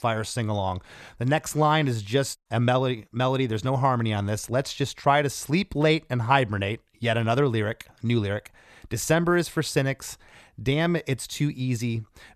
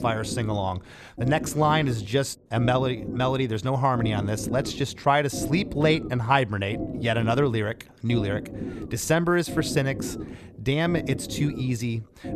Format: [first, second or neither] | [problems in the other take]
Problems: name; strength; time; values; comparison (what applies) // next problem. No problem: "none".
first | low rumble; noticeable; throughout; 10 dB below the speech